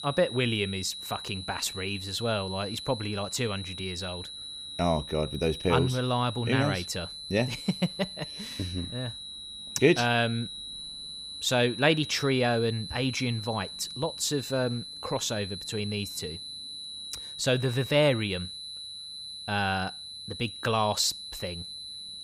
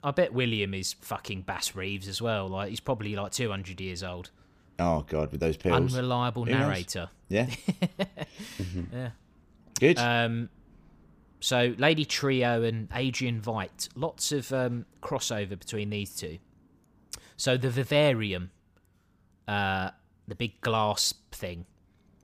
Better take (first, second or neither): second